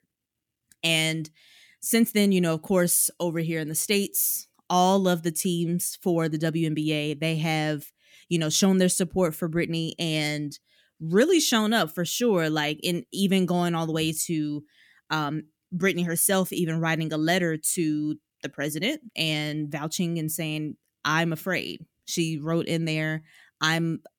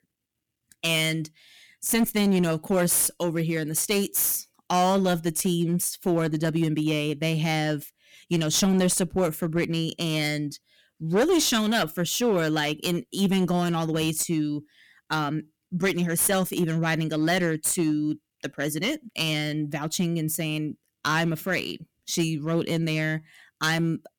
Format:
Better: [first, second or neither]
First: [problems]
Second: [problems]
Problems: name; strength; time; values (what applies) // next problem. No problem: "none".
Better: first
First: none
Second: distortion; slight; 6% of the sound clipped